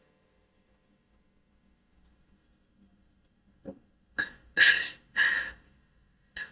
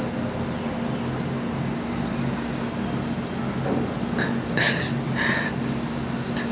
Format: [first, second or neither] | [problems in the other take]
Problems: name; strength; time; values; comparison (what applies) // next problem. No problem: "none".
second | noise reduction (neural mask model DeepFilterNet 3)